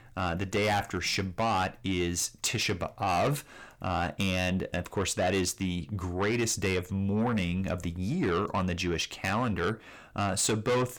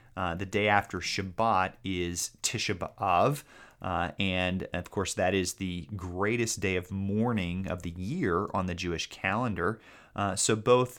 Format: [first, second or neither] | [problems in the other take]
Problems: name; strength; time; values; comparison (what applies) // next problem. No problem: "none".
second | distortion; heavy; 7 dB below the speech